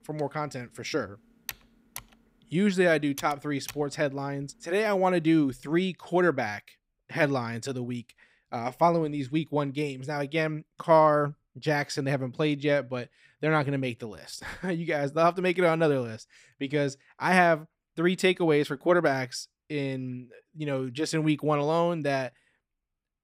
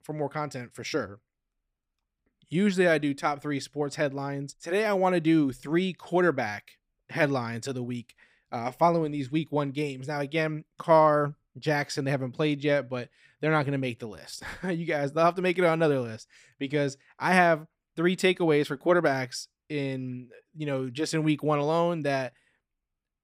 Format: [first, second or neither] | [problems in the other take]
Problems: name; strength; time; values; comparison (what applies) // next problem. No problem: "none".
second | keyboard typing; faint; until 3.5 s; peak 15 dB below the speech